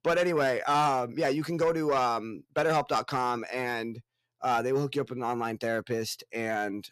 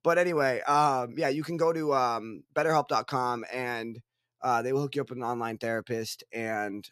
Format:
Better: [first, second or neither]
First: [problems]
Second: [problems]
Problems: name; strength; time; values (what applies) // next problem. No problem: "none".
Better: second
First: distortion; slight; 10 dB below the speech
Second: none